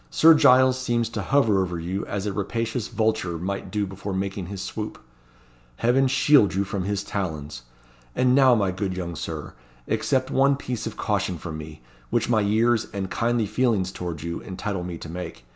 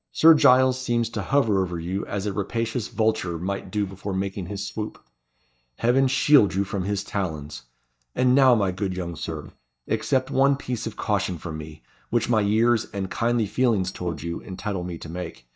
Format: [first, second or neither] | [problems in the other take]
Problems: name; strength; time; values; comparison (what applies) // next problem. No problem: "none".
first | noise reduction (neural mask model DeepFilterNet 3)